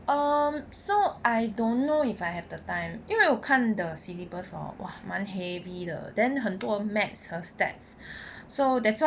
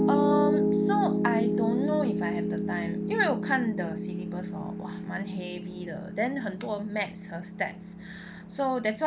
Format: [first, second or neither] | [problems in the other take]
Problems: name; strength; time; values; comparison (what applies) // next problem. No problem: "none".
first | background sound (Piano); 2 dB above the speech